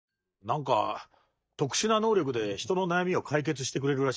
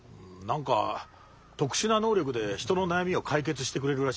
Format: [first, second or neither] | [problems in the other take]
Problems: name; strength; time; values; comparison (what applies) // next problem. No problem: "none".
second | noise reduction (neural mask model DeepFilterNet 3)